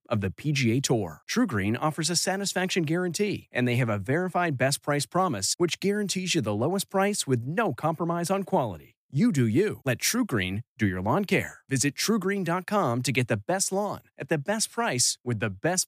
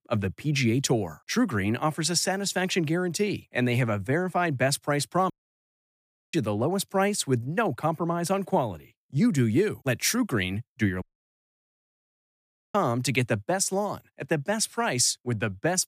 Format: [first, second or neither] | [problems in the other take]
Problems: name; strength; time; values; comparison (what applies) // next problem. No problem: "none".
first | audio cutting out; at 5.5 s for 1 s and at 11 s for 1.5 s